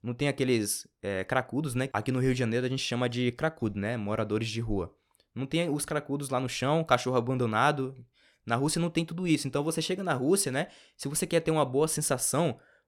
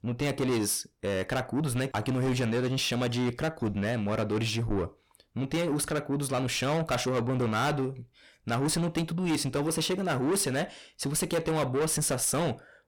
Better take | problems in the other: first | distortion; heavy; 7 dB below the speech

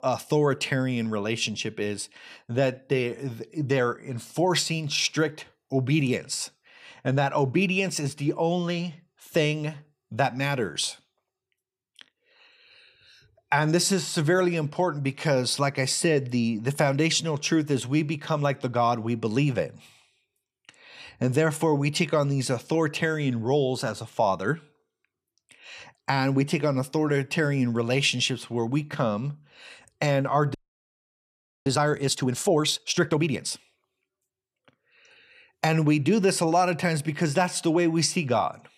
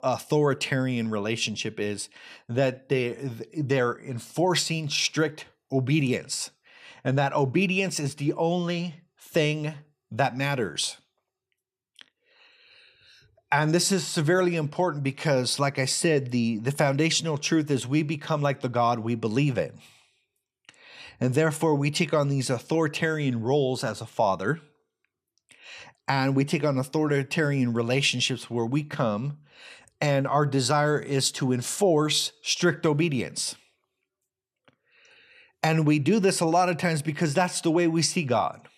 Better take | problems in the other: second | audio freezing; at 31 s for 1 s

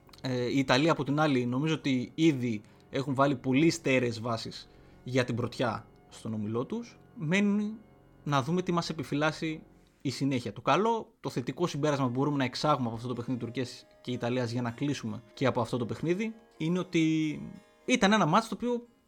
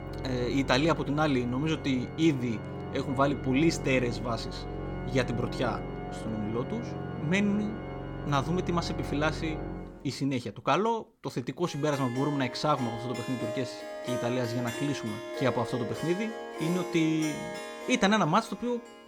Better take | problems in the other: first | background music; loud; throughout; 8 dB below the speech; faint in the first

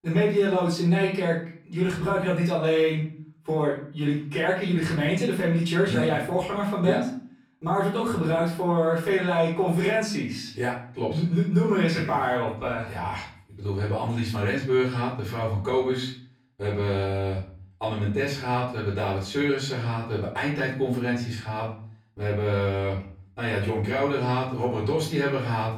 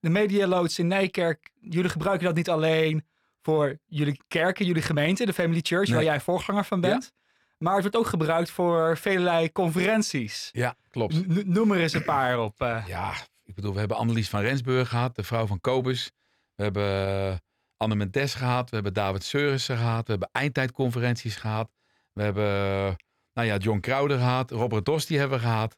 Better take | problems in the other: second | off-mic speech; far // room echo; noticeable; dies away in 0.5 s

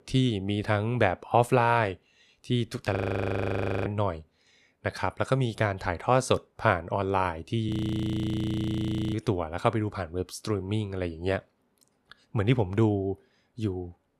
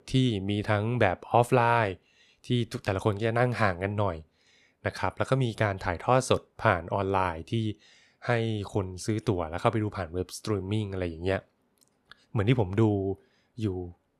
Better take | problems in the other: second | audio freezing; at 3 s for 1 s and at 7.5 s for 1.5 s

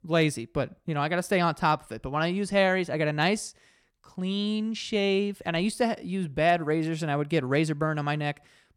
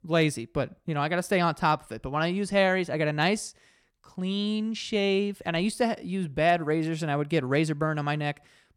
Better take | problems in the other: neither | none

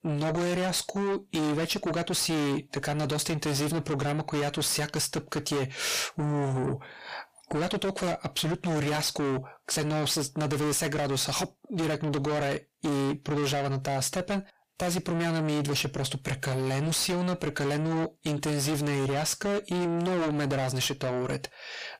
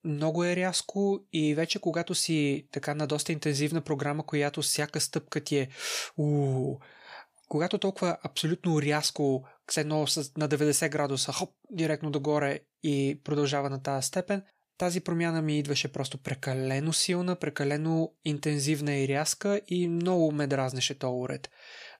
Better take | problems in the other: second | distortion; heavy; 5 dB below the speech

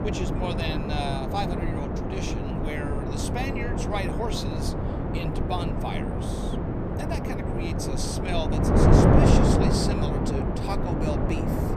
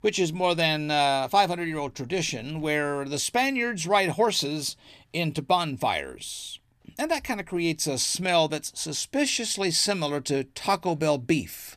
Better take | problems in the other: second | wind noise on the microphone; heavy; 4 dB above the speech

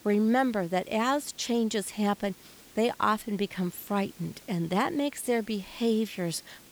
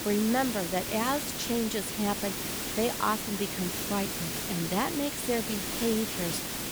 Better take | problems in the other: first | hiss; loud; throughout; 1 dB below the speech; faint in the first

